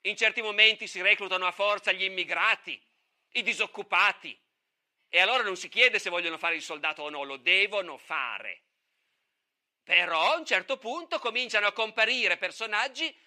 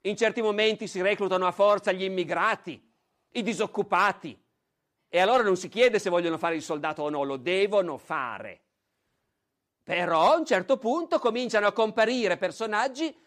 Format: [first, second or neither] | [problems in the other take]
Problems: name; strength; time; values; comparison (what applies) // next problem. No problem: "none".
second | thin; somewhat; fading below 850 Hz